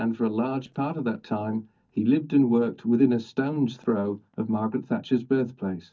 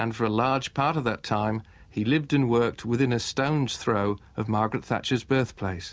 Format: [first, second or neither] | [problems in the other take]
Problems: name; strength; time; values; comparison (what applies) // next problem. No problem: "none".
second | noise reduction (neural mask model DeepFilterNet 3)